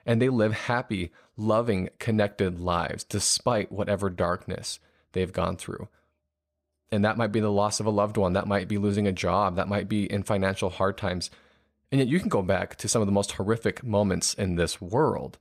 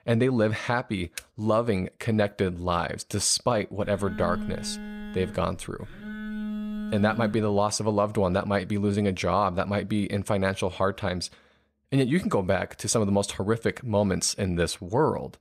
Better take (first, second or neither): first